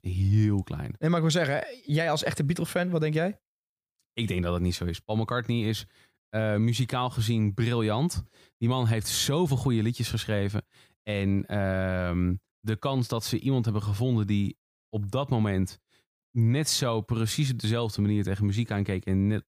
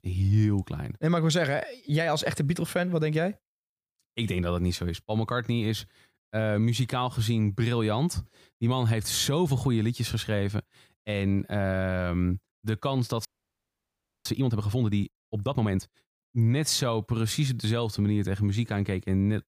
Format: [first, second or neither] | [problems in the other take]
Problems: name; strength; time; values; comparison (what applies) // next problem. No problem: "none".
first | audio freezing; at 13 s for 1 s